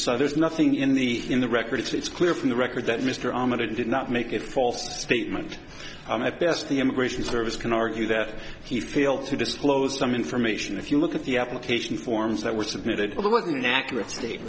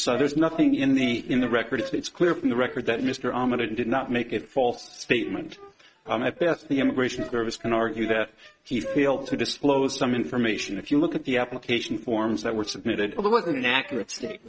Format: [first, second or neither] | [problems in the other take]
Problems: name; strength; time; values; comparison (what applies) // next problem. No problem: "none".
first | noise reduction (neural mask model RNNoise)